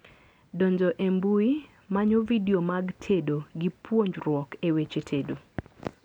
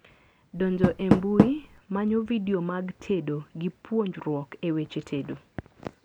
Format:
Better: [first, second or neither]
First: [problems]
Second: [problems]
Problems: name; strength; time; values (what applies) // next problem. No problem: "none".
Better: first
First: none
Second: background sound (Door); 2 dB below the speech